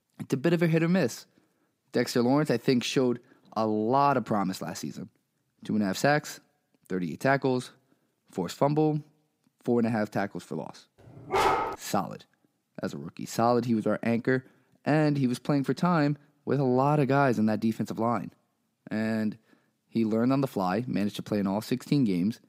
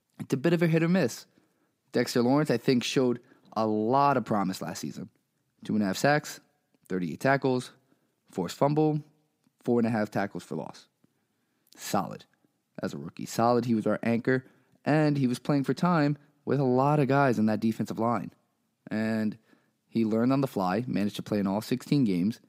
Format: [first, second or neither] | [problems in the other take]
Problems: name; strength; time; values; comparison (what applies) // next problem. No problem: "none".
second | dog barking; loud; at 11 s; peak 3 dB above the speech